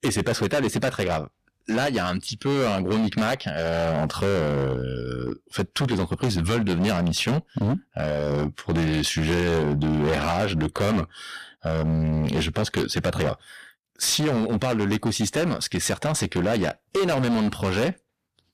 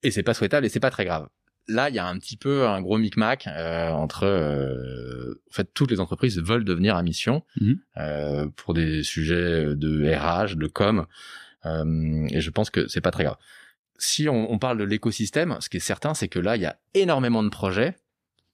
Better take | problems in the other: second | distortion; heavy; 21% of the sound clipped

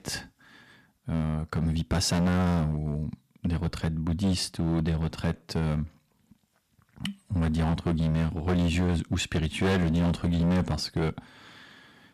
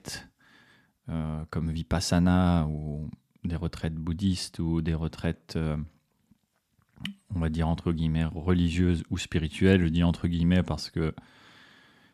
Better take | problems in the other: second | distortion; heavy; 12% of the sound clipped

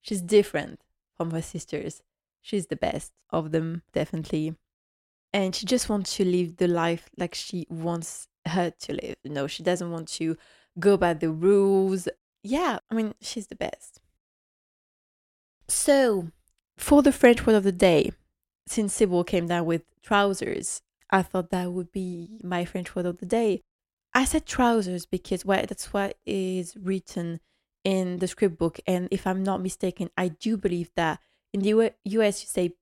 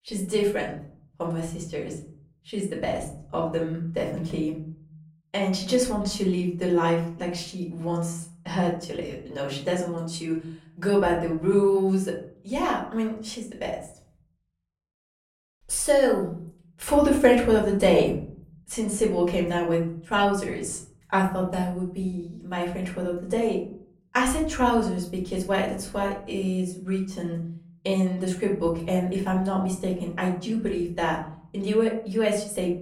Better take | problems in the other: first | room echo; slight; dies away in 0.6 s // off-mic speech; far

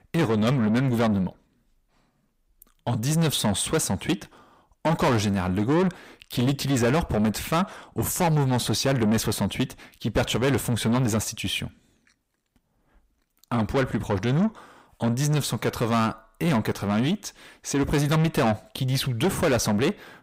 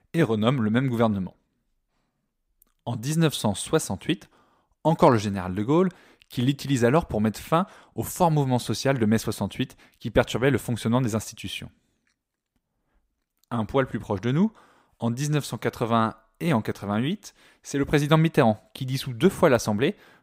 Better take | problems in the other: second | distortion; heavy; 6 dB below the speech

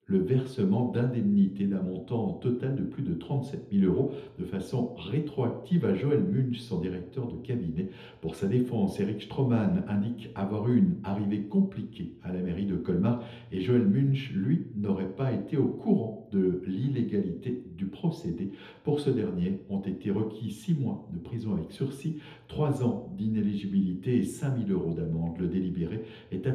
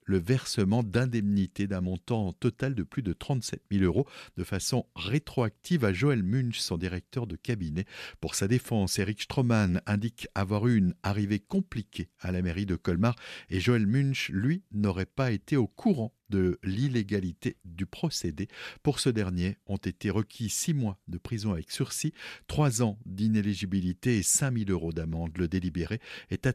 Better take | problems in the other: second | room echo; noticeable; dies away in 0.7 s // off-mic speech; far

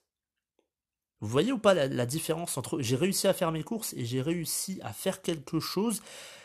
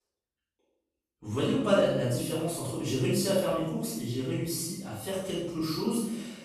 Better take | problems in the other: first | off-mic speech; far // room echo; strong; dies away in 0.8 s

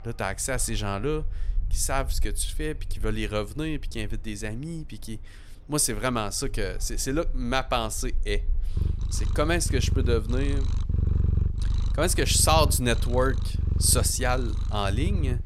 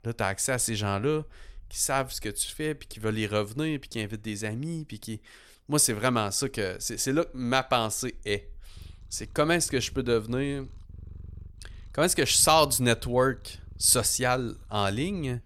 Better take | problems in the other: second | animal sounds; loud; throughout; 3 dB below the speech; faint in the second

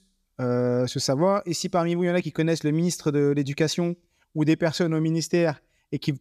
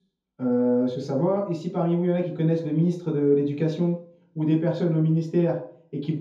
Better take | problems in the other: first | room echo; noticeable; dies away in 0.5 s // off-mic speech; far

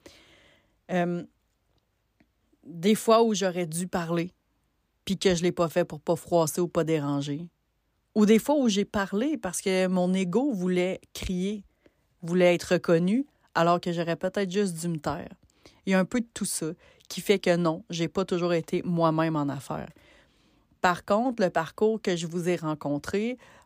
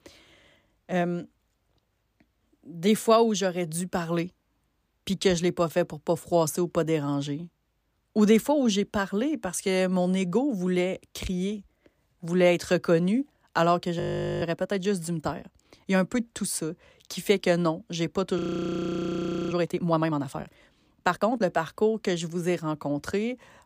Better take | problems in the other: first | audio freezing; at 14 s and at 18 s for 1 s

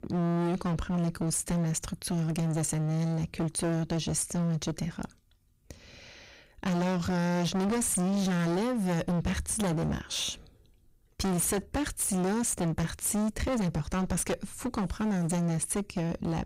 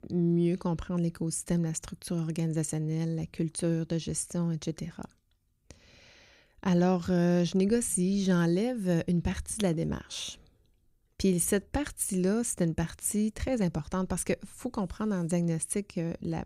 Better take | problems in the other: second | distortion; heavy; 29% of the sound clipped

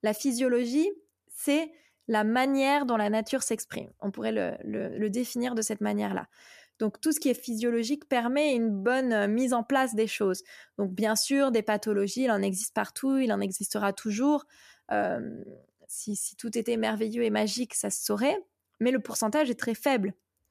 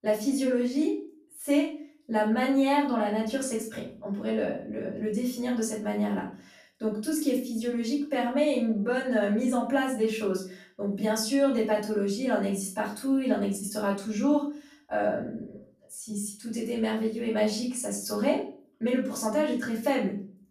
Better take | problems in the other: first | room echo; slight; dies away in 0.4 s // off-mic speech; far

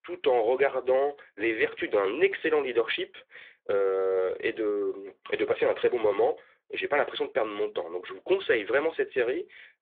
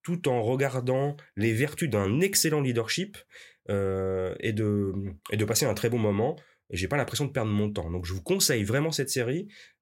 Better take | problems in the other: second | phone-call audio; nothing above 3.5 kHz

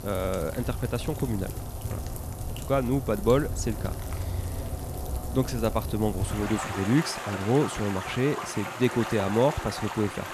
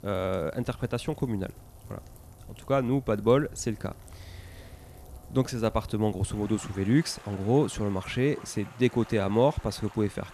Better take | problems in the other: second | rain or running water; loud; throughout; 7 dB below the speech; faint in the second

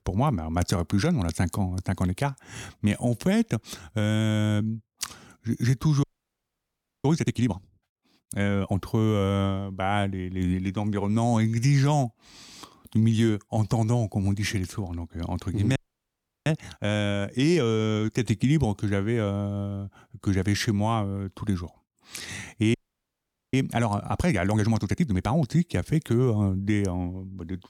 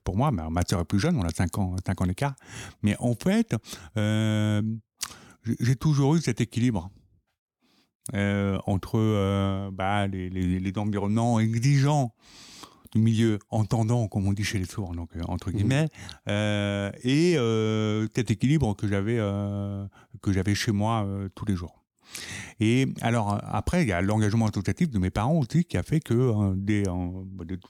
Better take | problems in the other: second | audio freezing; at 6 s for 1 s, at 16 s for 0.5 s and at 23 s for 1 s

